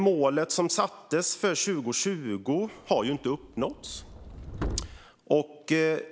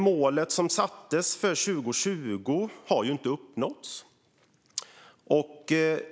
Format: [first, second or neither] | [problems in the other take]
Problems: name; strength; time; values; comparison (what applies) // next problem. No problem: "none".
second | background sound (Subway, metro, underground); 11 dB below the speech